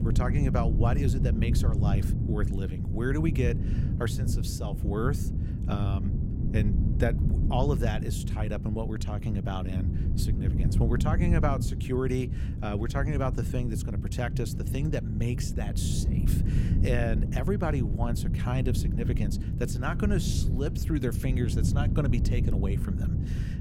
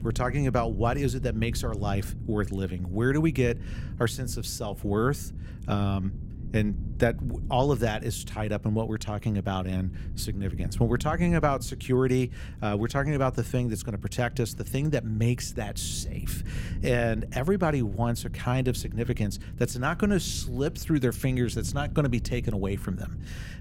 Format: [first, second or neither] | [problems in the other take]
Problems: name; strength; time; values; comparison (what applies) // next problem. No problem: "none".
second | wind noise on the microphone; heavy; 6 dB below the speech; occasional gusts in the second